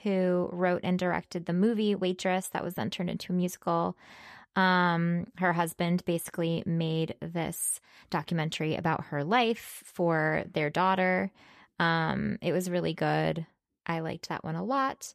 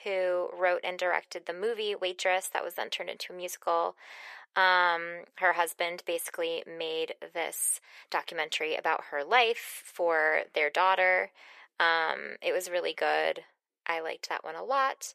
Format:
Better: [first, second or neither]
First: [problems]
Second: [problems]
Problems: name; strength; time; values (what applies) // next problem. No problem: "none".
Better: first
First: none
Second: thin; very; fading below 450 Hz